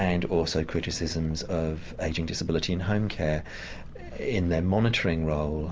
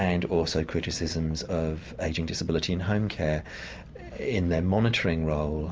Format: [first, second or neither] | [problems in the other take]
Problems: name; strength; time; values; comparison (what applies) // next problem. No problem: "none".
second | background sound (Livestock, farm animals, working animals); 15 dB below the speech